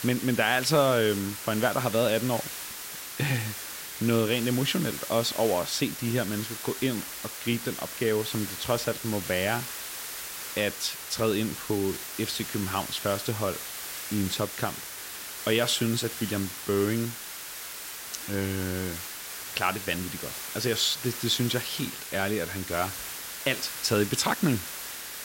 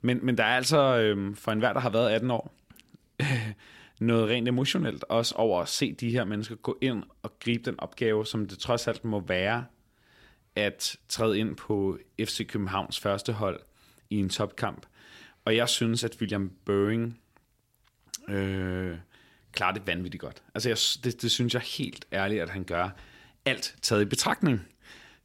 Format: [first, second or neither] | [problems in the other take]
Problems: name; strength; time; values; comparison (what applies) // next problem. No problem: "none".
second | hiss; loud; throughout; 7 dB below the speech